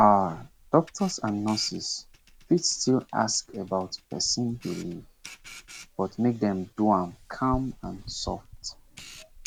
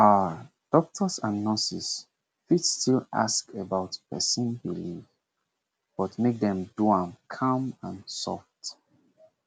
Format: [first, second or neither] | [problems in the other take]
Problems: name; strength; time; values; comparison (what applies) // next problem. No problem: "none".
second | background sound (Camera); 18 dB below the speech